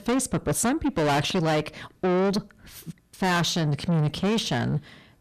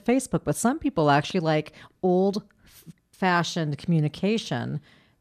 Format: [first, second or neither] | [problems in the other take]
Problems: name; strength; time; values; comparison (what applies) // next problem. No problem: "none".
second | distortion; heavy; 6 dB below the speech